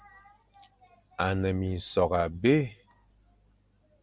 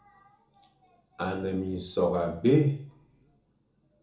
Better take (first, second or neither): first